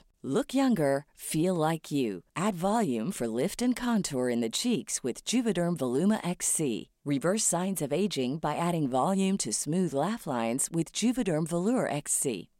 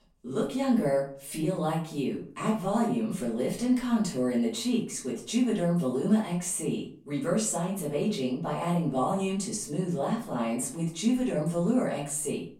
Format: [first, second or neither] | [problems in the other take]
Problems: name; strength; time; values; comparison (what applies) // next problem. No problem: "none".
first | off-mic speech; far // room echo; slight; dies away in 0.4 s